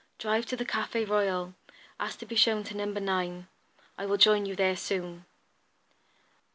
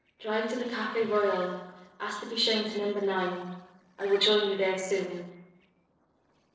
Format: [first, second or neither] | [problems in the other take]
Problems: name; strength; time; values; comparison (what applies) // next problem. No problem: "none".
first | noise reduction (neural separator model SepFormer DNS4)